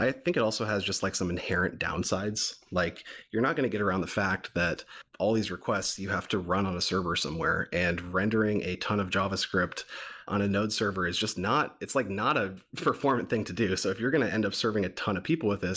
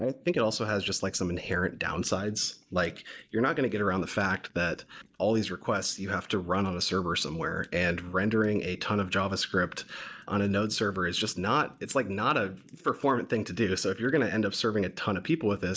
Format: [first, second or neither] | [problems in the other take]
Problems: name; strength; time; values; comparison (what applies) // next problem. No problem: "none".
first | noise reduction (neural mask model DeepFilterNet 3)